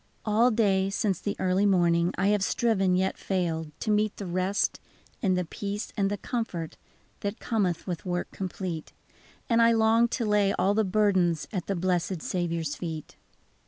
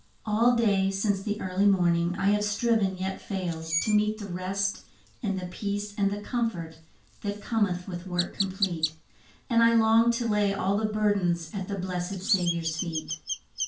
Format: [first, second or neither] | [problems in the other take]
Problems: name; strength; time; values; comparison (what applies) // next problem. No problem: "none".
first | background sound (Chirp, tweet); 12 dB below the speech // room echo; dies away in 0.3 s